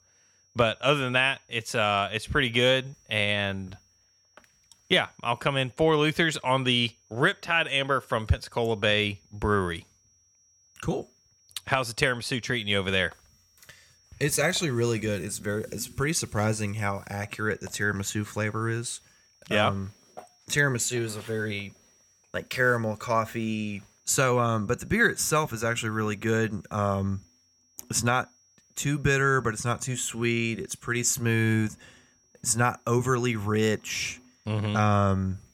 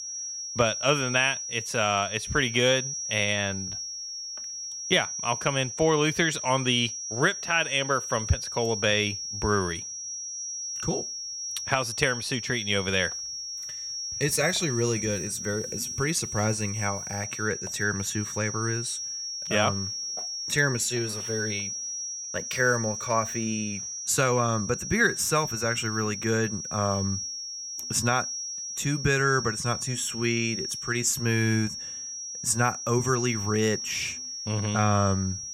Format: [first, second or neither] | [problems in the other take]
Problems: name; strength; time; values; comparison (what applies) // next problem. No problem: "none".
first | high-pitched whine; loud; throughout; 5.5 kHz, 5 dB below the speech; faint in the first